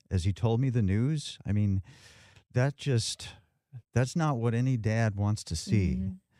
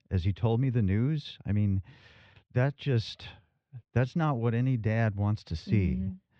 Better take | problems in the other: first | muffled; slightly; fading above 4 kHz

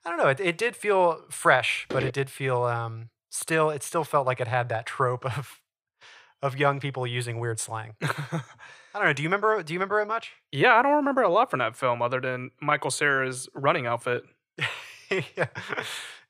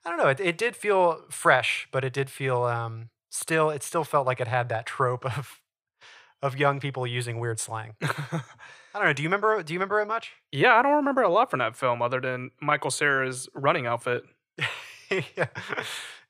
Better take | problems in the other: second | footsteps; noticeable; at 2 s; peak 8 dB below the speech

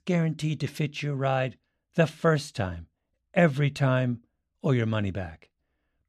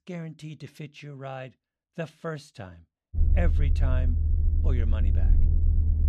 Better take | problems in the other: first | low rumble; loud; from 3 s on; 4 dB below the speech

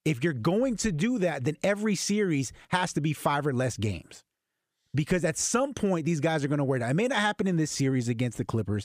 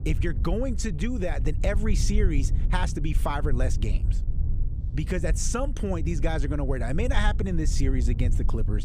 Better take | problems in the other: first | low rumble; noticeable; throughout; 15 dB below the speech

